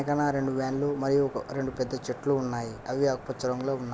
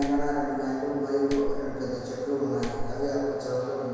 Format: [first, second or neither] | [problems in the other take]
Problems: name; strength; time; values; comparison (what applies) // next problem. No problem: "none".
first | background sound (Clapping); 7 dB below the speech // room echo; dies away in 1.9 s